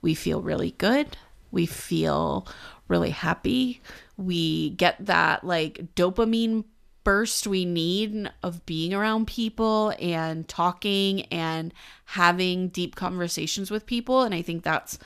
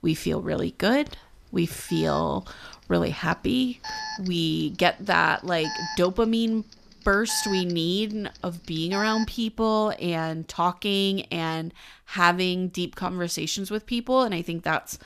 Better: first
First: none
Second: alarm; noticeable; from 1 to 9.5 s; peak 6 dB below the speech

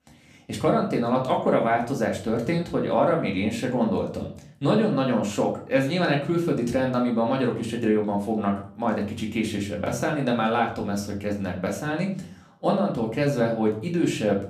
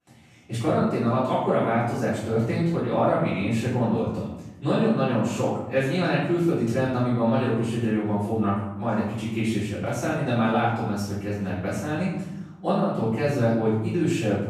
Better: first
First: room echo; slight; dies away in 0.4 s // off-mic speech; somewhat distant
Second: room echo; strong; dies away in 1 s // off-mic speech; far

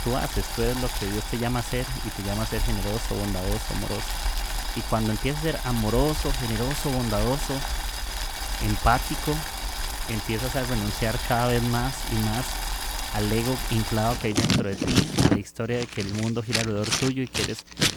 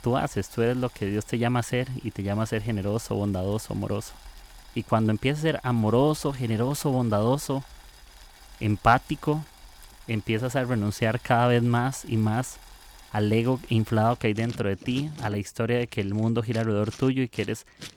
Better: second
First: household noises; loud; throughout; 1 dB below the speech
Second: household noises; faint; throughout; 20 dB below the speech

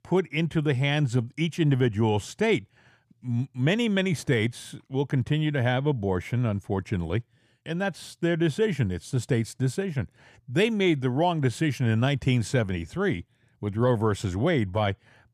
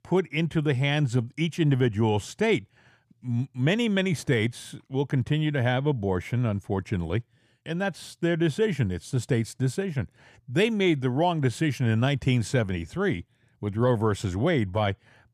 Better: neither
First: none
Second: none

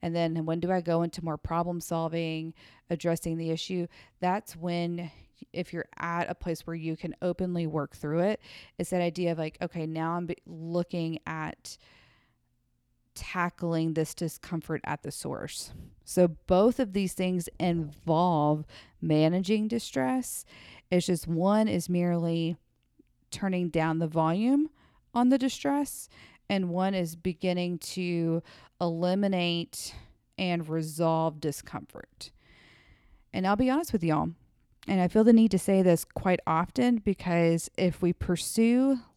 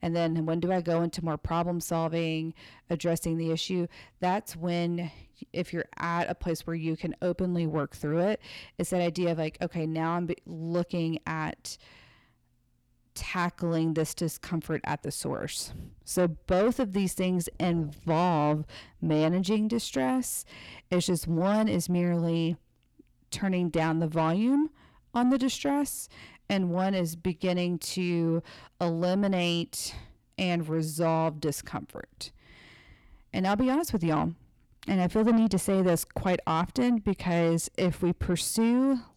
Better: first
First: none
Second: distortion; slight; 10 dB below the speech

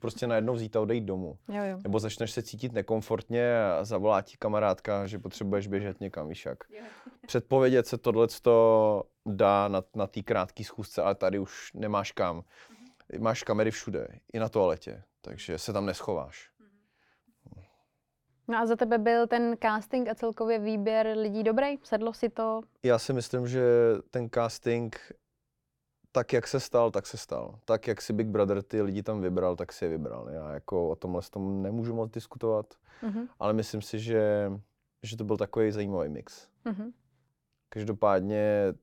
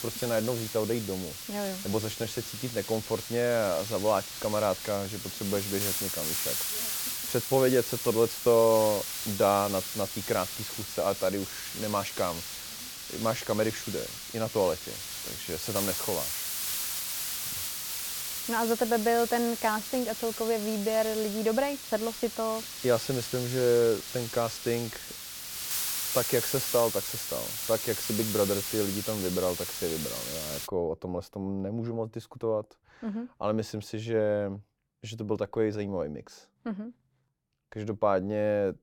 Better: first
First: none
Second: hiss; loud; until 31 s; 3 dB below the speech

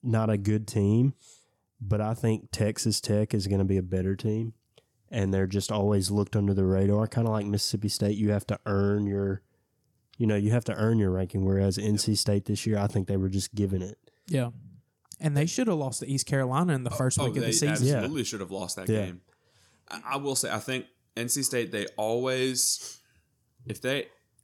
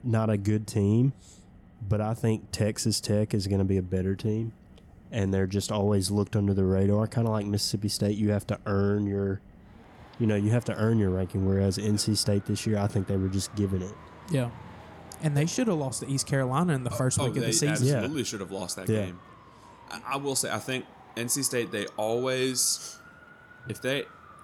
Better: first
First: none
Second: traffic noise; faint; throughout; 25 dB below the speech

